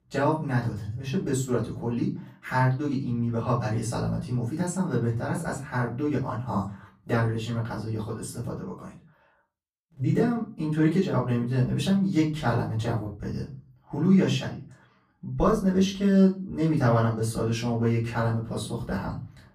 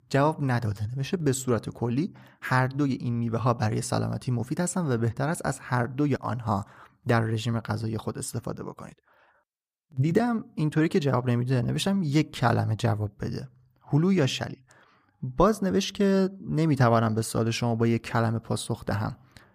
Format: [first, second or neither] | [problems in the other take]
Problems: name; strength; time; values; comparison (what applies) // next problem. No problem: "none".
second | off-mic speech; far // room echo; slight; dies away in 0.3 s